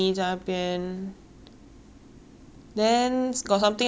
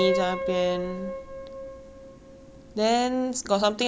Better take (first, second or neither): first